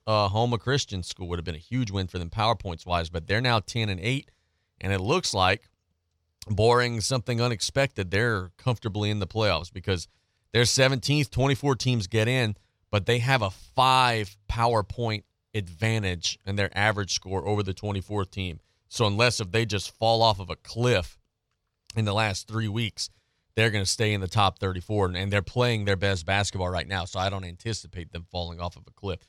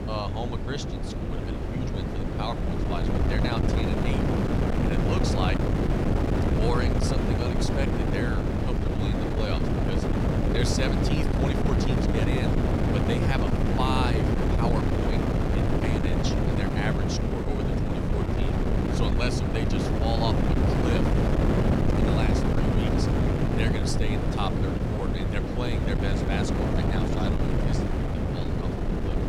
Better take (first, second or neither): first